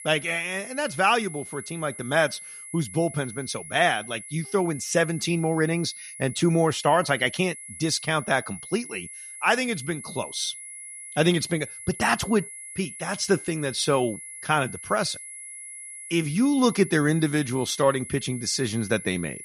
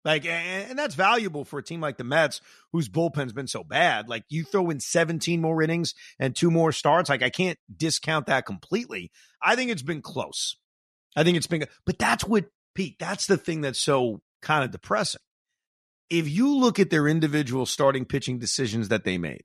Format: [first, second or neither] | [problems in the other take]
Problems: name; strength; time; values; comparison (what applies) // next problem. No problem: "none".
second | high-pitched whine; noticeable; throughout; 10.5 kHz, 10 dB below the speech